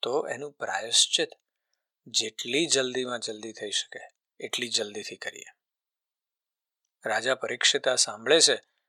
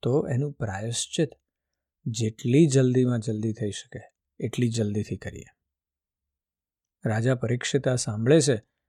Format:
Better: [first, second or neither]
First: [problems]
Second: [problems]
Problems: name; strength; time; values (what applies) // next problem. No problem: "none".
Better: second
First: thin; very; fading below 800 Hz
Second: none